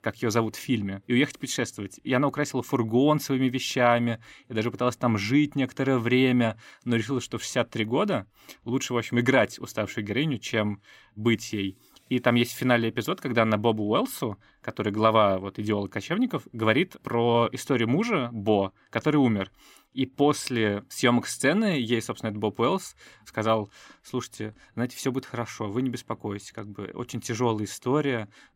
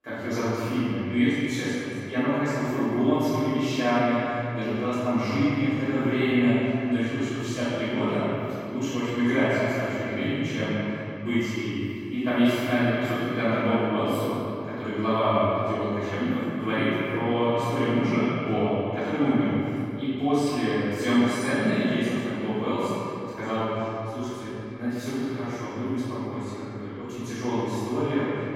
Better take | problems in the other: first | off-mic speech; far // room echo; strong; dies away in 2.6 s

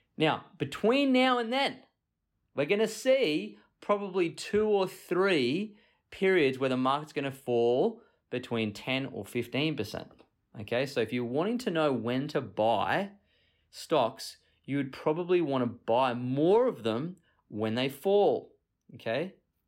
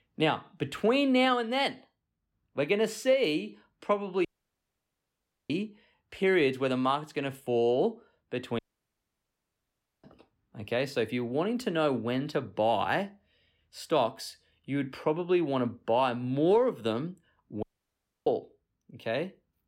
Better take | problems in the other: first | audio cutting out; at 4.5 s for 1.5 s, at 8.5 s for 1.5 s and at 18 s for 0.5 s

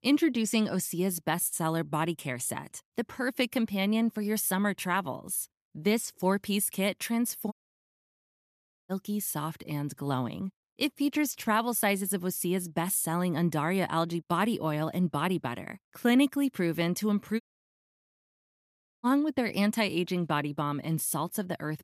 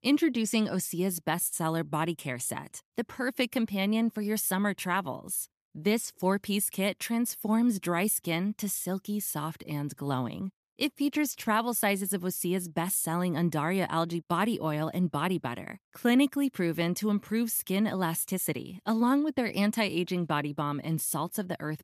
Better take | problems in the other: second | audio cutting out; at 7.5 s for 1.5 s and at 17 s for 1.5 s

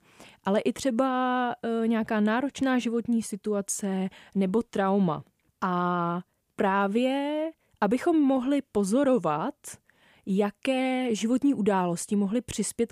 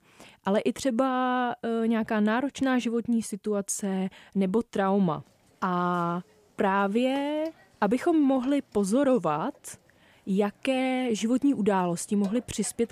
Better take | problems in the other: first | hiss; faint; from 5 s on; 30 dB below the speech

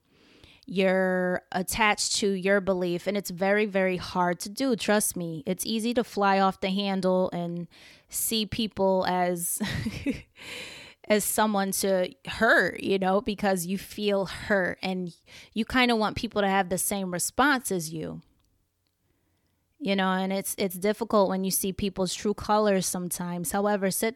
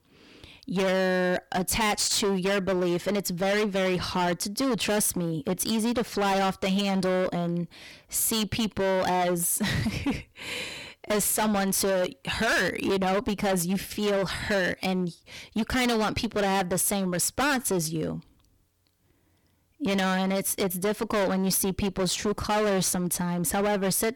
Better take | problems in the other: first | distortion; heavy; 22% of the sound clipped

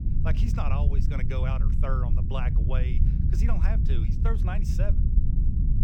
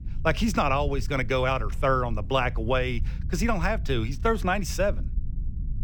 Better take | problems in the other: second | low rumble; loud; throughout; 4 dB below the speech; faint in the second

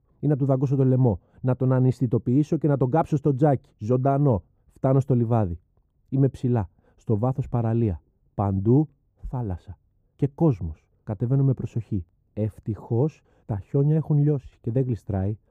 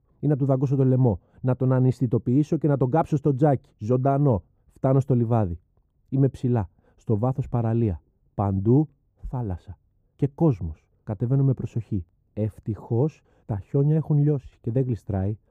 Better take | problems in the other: neither | muffled; very; fading above 2 kHz; the same in both

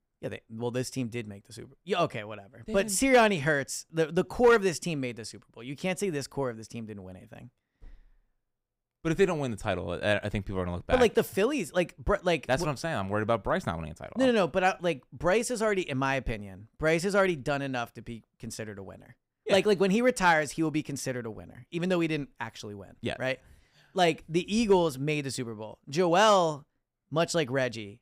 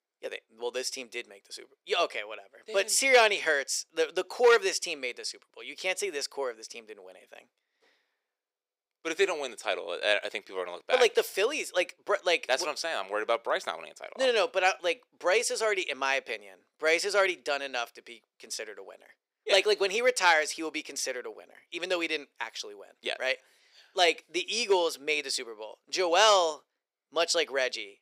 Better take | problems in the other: first | thin; very; fading below 400 Hz

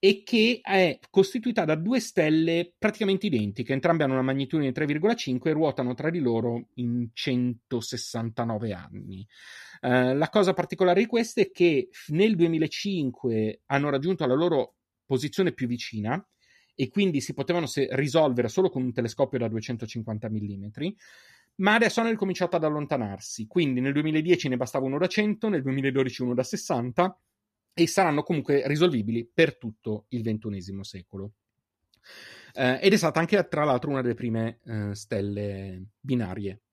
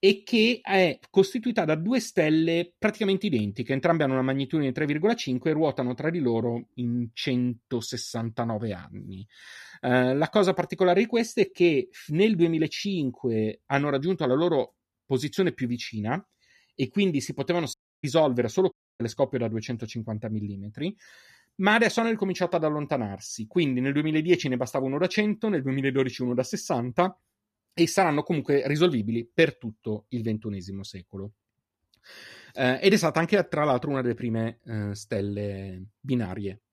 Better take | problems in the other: first | audio cutting out; at 18 s and at 19 s

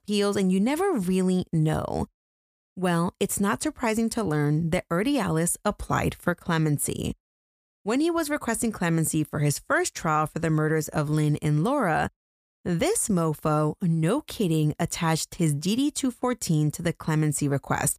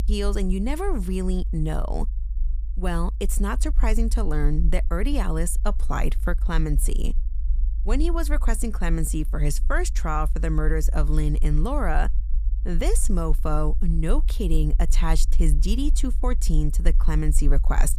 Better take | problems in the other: first | low rumble; noticeable; throughout; 20 dB below the speech

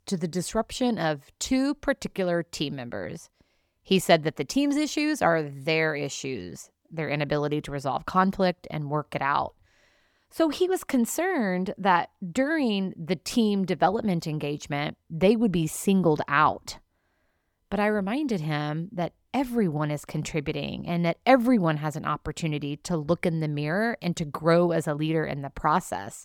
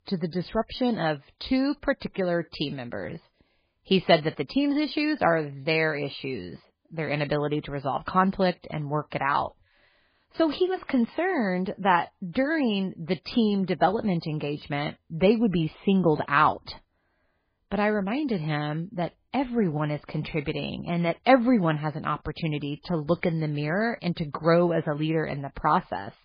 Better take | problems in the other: first | garbled, watery; badly; nothing above 4.5 kHz

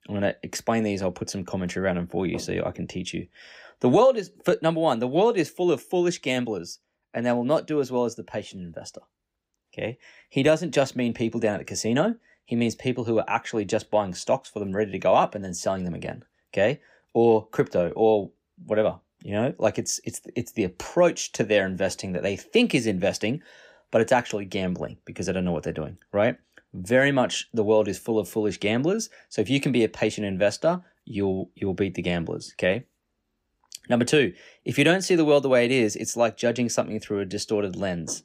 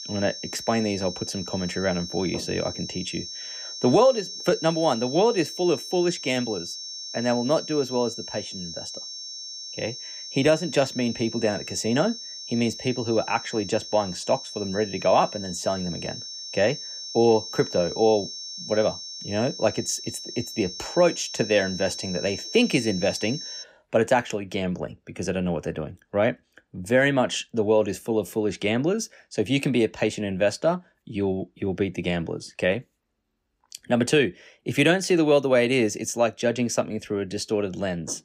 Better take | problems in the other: first | high-pitched whine; loud; until 24 s; 5.5 kHz, 9 dB below the speech

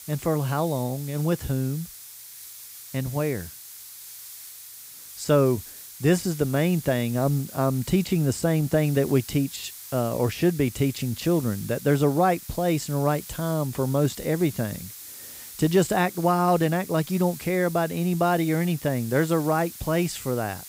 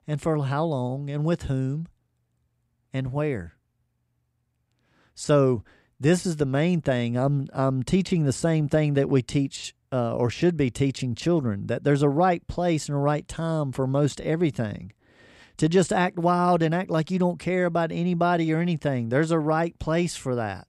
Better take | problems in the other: second | hiss; noticeable; throughout; 15 dB below the speech

